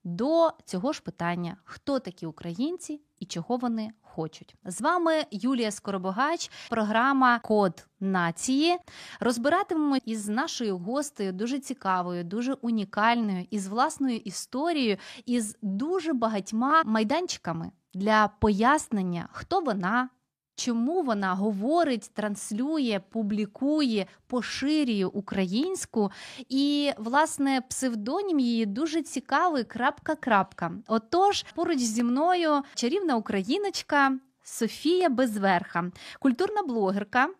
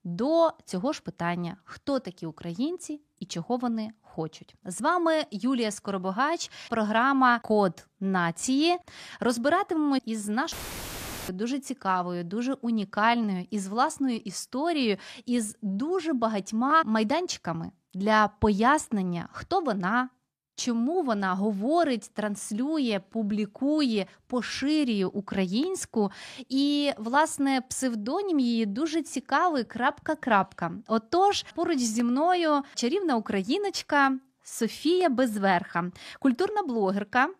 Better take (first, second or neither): first